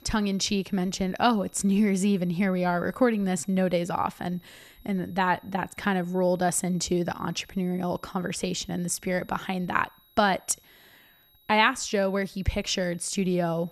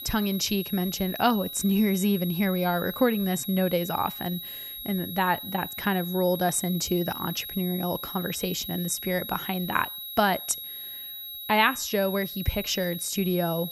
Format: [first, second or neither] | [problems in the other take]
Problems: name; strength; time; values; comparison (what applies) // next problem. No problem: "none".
first | high-pitched whine; loud; throughout; 4 kHz, 8 dB below the speech; faint in the first